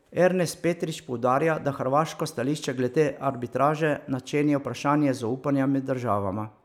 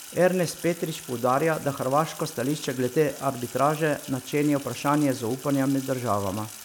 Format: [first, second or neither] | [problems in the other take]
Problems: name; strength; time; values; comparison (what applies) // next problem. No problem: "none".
first | background sound (Sink (filling or washing)); 17 dB below the speech